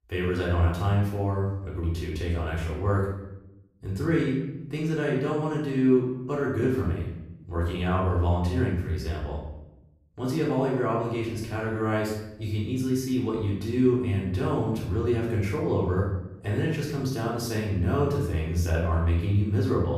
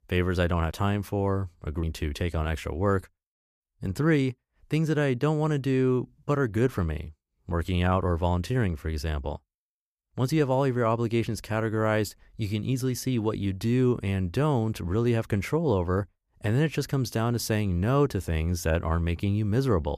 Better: second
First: off-mic speech; far // room echo; noticeable; dies away in 0.8 s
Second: none

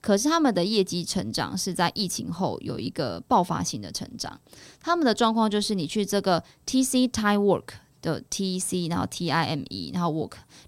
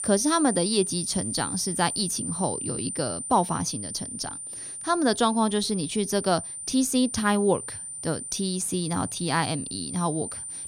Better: first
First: none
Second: high-pitched whine; loud; throughout; 9 kHz, 6 dB below the speech

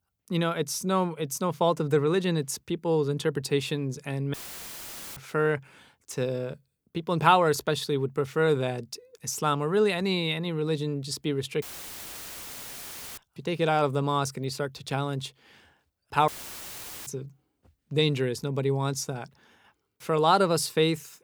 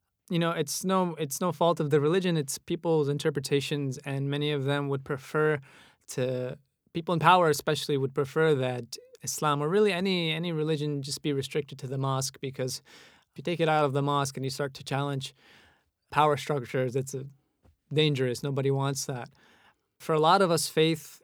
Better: second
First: audio cutting out; filled with static; at 4.5 s for 1 s, at 12 s for 1.5 s and at 16 s for 1 s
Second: none

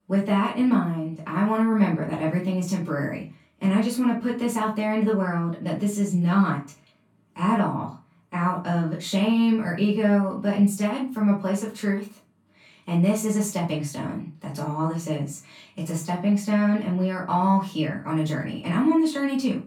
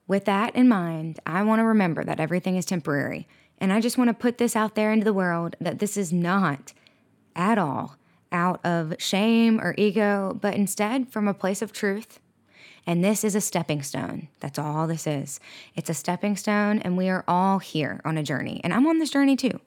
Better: second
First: off-mic speech; far // room echo; slight; dies away in 0.3 s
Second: none

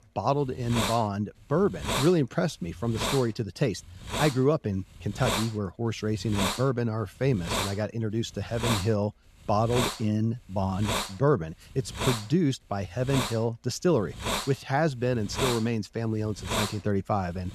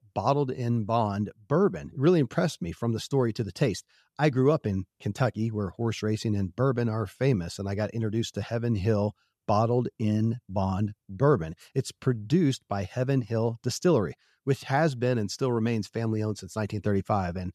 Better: second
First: hiss; loud; throughout; 4 dB below the speech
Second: none

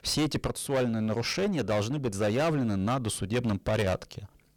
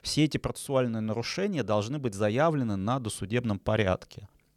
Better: second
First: distortion; heavy; 17% of the sound clipped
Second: none

